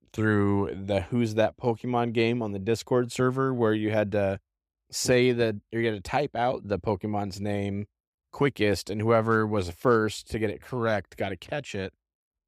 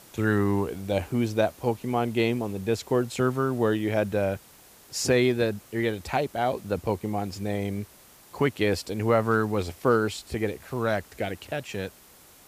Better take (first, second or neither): first